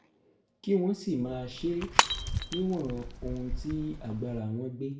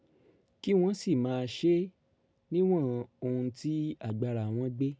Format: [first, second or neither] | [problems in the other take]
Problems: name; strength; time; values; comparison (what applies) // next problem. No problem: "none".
second | background sound (Shatter / Crushing); as loud as the speech // room echo; dies away in 0.4 s